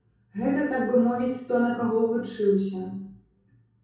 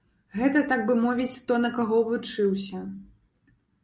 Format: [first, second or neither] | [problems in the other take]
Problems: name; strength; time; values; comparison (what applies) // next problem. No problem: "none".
second | room echo; dies away in 0.6 s